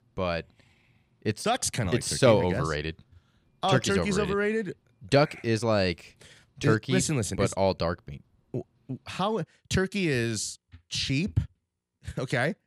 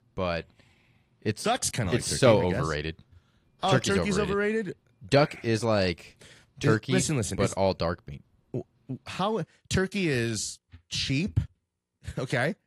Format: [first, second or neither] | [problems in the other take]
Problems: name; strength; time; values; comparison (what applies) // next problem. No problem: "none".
first | garbled, watery; slightly